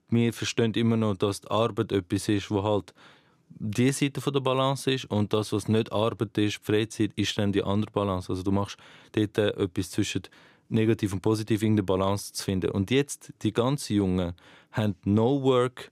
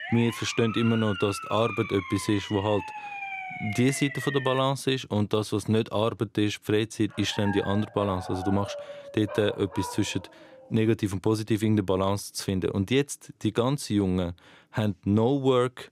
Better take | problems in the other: first | siren; noticeable; until 4.5 s; peak 7 dB below the speech // dog barking; noticeable; from 7 to 11 s; peak 9 dB below the speech

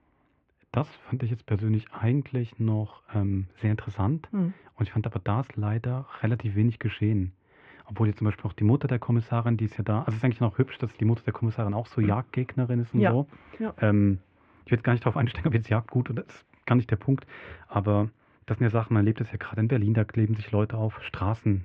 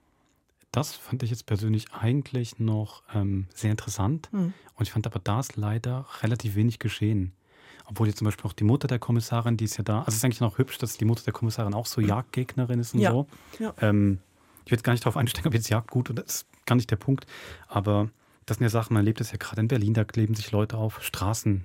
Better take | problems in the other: second | muffled; very; fading above 2.5 kHz

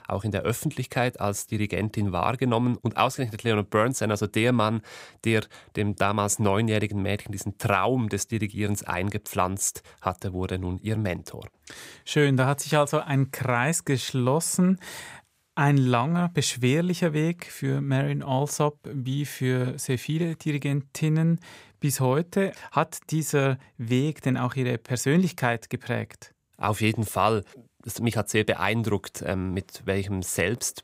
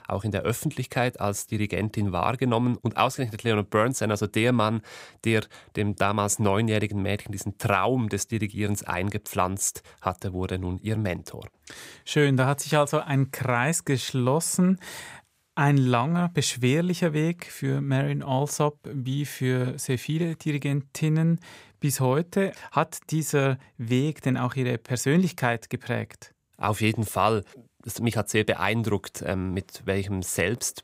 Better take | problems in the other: neither | none

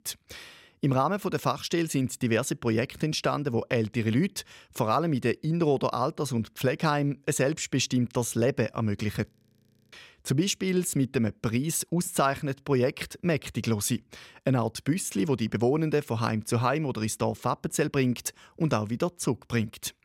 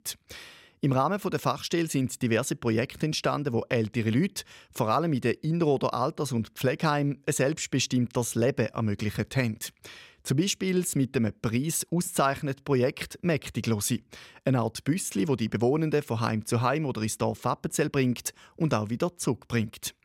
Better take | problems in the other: second | audio freezing; at 9.5 s for 0.5 s

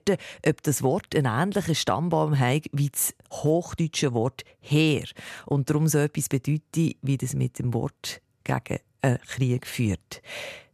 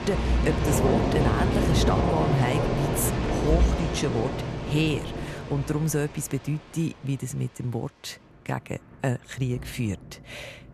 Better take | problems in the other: first | rain or running water; very loud; throughout; 3 dB above the speech

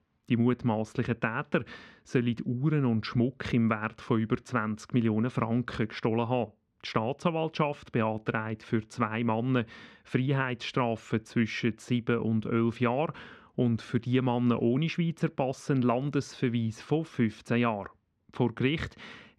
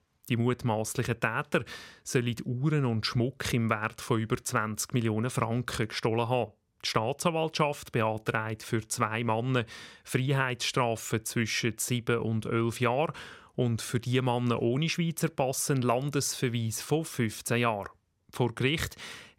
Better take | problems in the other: second | muffled; slightly; fading above 3 kHz

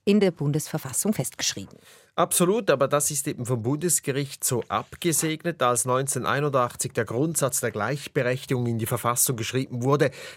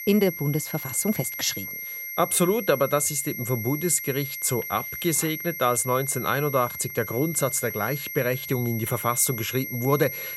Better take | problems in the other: first | high-pitched whine; loud; throughout; 2 kHz, 7 dB below the speech

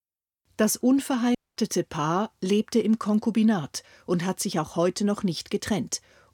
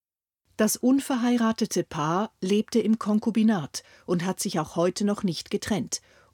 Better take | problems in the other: second | audio cutting out; at 1.5 s

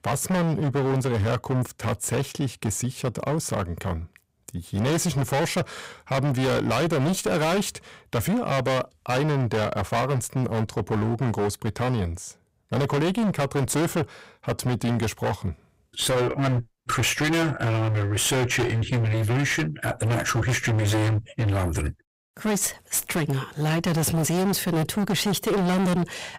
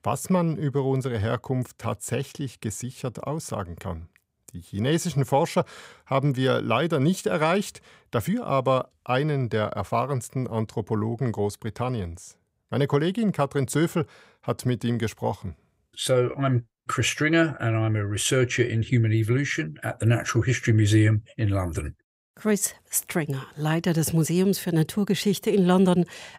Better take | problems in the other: second | distortion; heavy; 28% of the sound clipped

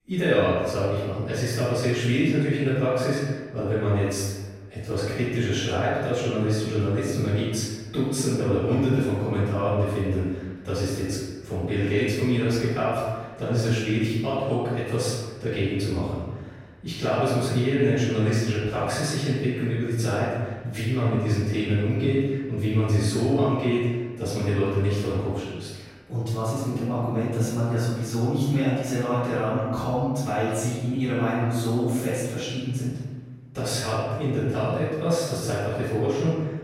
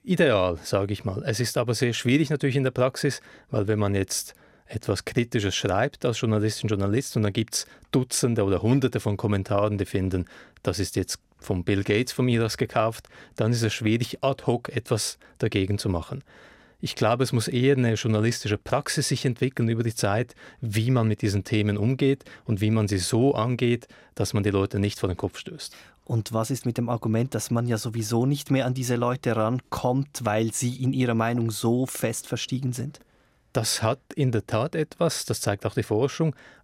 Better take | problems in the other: second | off-mic speech; far // room echo; strong; dies away in 1.2 s

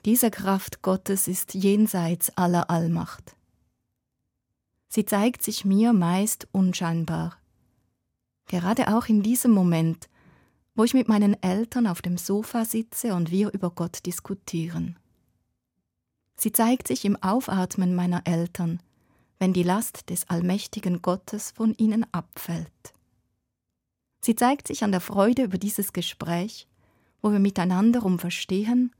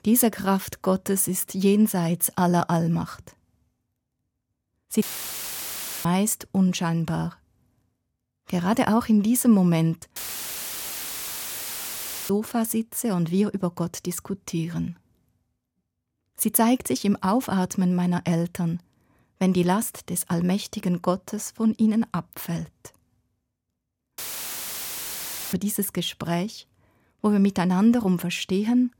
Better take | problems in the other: first | audio cutting out; filled with static; at 5 s for 1 s, at 10 s for 2 s and at 24 s for 1.5 s

